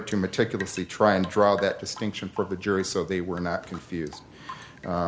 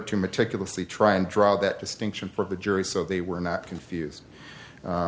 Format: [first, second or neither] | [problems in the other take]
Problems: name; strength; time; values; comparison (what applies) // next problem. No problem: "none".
second | background sound (Drip / Rain); 20 dB below the speech